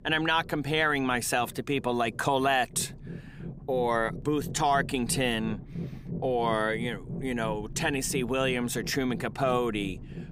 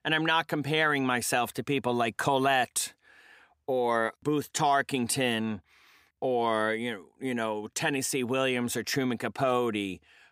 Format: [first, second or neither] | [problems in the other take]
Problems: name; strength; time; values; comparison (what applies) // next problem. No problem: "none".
second | low rumble; faint; throughout; 20 dB below the speech